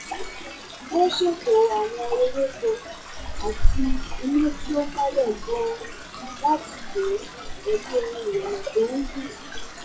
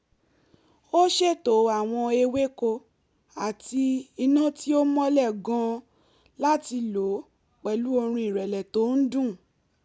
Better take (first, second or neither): second